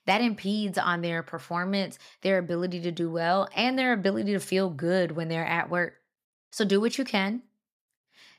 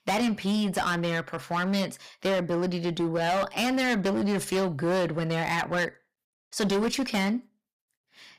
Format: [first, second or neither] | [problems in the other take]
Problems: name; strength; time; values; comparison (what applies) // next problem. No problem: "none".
first | distortion; heavy; 16% of the sound clipped